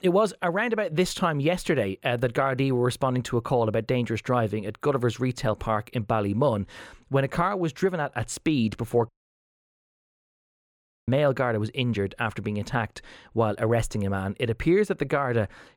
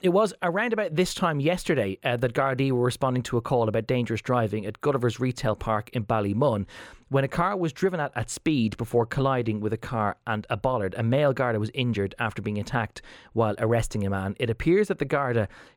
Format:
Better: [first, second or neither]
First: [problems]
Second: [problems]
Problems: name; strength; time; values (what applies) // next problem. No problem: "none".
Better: second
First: audio cutting out; at 9 s for 2 s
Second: none